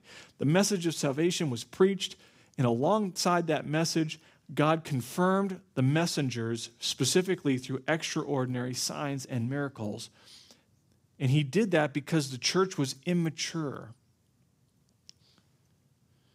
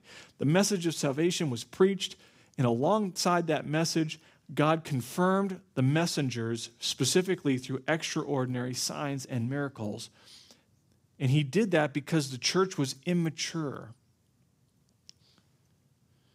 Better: neither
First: none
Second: none

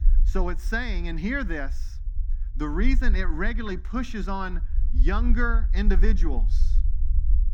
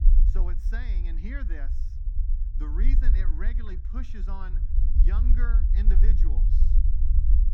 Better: first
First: low rumble; faint; throughout; 20 dB below the speech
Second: low rumble; loud; throughout; 5 dB below the speech

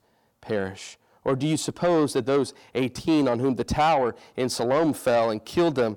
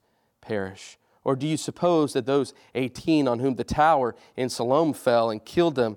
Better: second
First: distortion; slight; 10 dB below the speech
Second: none

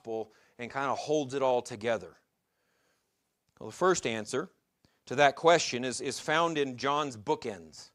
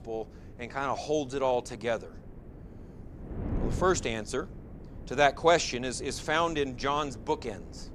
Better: first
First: none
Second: wind noise on the microphone; occasional gusts; 20 dB below the speech

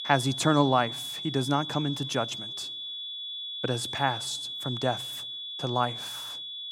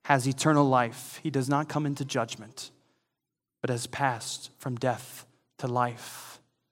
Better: second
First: high-pitched whine; loud; throughout; 3.5 kHz, 5 dB below the speech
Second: none

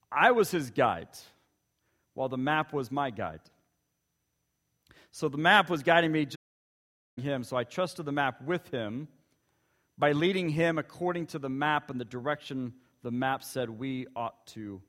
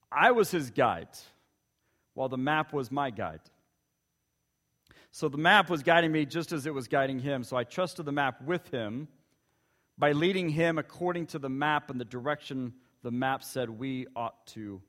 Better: second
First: audio cutting out; at 6.5 s for 1 s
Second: none

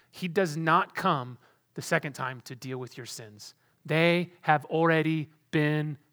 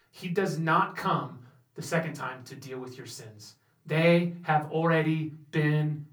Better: first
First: none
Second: off-mic speech; far // room echo; very slight; dies away in 0.3 s

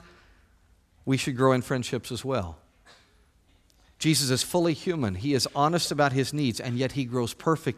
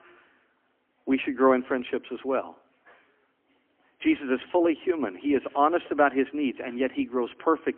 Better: first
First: none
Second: phone-call audio; poor line; nothing above 3.5 kHz

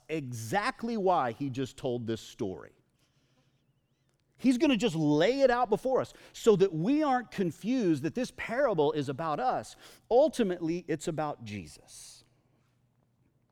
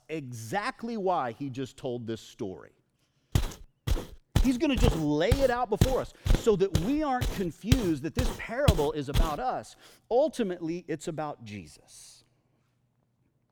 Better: first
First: none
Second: footsteps; loud; from 3.5 to 9.5 s; peak 2 dB above the speech

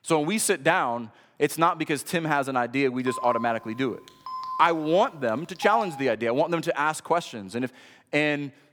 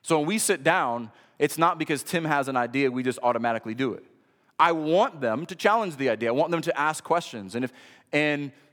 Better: second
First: phone ringing; noticeable; from 3 to 6 s; peak 6 dB below the speech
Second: none

